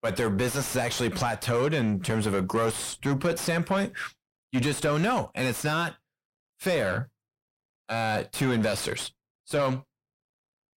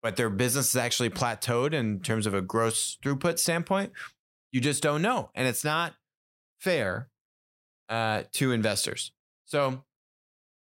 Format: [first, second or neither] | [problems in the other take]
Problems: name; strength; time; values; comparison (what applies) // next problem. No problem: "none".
second | distortion; heavy; 7 dB below the speech